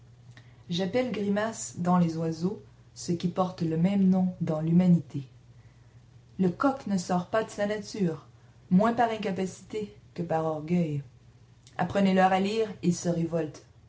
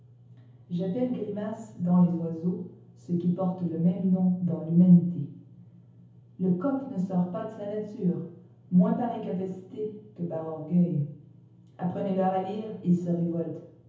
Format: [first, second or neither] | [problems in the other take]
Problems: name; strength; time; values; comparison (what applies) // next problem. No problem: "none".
first | room echo; dies away in 0.7 s